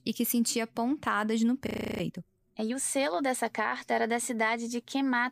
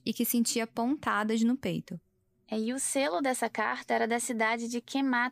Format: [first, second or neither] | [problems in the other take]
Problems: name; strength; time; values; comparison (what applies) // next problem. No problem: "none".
second | audio freezing; at 1.5 s